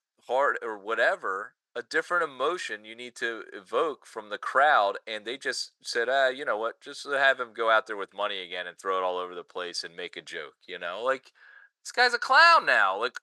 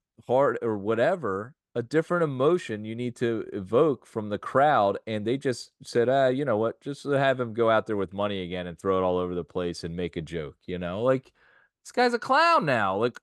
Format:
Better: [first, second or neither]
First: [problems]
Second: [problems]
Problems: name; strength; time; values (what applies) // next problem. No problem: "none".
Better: second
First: thin; very; fading below 700 Hz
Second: none